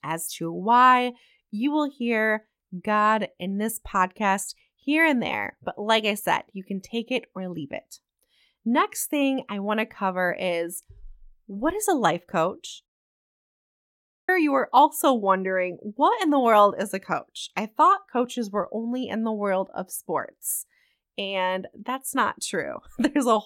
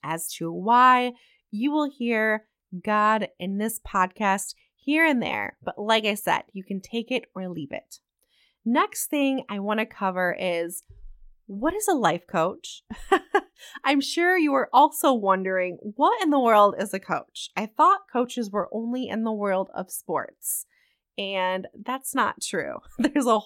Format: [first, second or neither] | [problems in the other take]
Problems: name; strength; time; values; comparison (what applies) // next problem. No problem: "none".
second | audio cutting out; at 13 s for 1.5 s